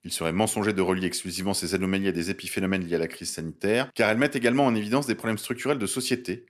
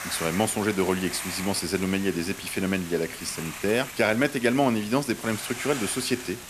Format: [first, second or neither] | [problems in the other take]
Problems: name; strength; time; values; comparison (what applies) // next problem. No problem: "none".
first | hiss; loud; throughout; 10 dB below the speech